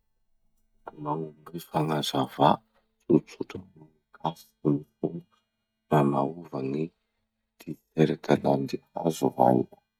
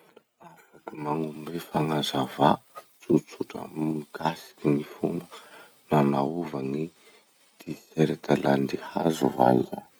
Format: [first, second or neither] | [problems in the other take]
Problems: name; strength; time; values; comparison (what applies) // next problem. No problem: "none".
second | noise reduction (neural mask model DeepFilterNet 3)